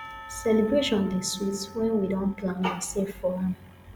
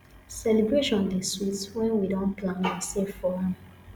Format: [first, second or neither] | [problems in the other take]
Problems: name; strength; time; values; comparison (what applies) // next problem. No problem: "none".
second | background sound (Percussion); 19 dB below the speech